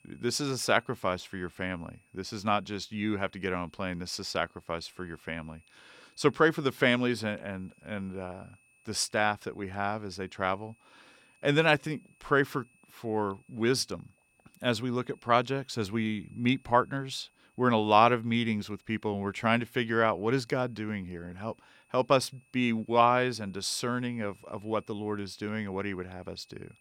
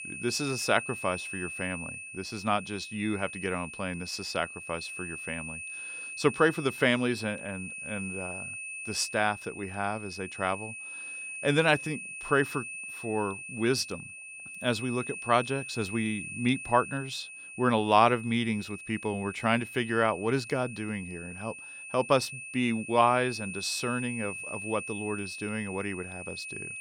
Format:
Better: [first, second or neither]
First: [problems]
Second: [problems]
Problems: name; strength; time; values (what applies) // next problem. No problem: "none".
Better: first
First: high-pitched whine; faint; throughout; 2.5 kHz, 35 dB below the speech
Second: high-pitched whine; loud; throughout; 2.5 kHz, 9 dB below the speech